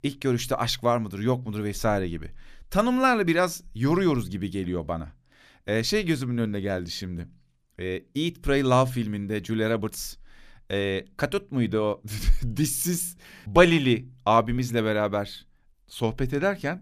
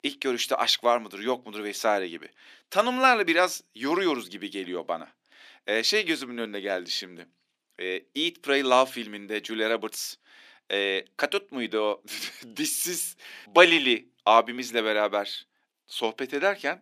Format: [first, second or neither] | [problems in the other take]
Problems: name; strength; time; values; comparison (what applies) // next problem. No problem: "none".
first | thin; somewhat; fading below 300 Hz